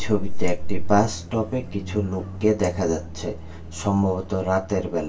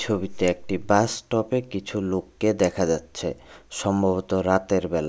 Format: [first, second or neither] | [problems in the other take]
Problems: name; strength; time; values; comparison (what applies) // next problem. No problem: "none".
second | background sound (Car passing by); 15 dB below the speech // room echo; dies away in 0.2 s